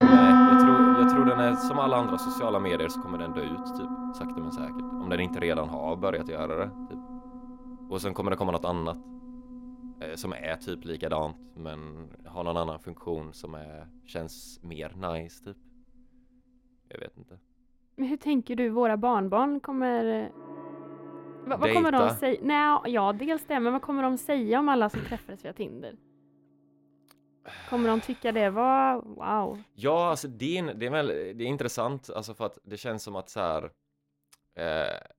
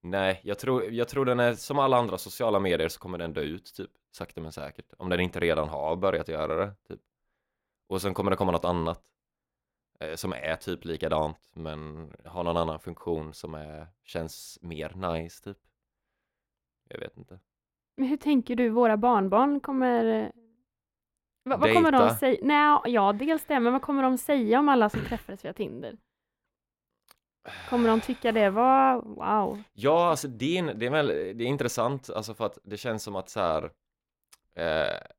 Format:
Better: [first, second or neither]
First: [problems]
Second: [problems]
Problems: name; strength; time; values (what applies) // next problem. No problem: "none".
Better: second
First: background music; very loud; throughout; 5 dB above the speech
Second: none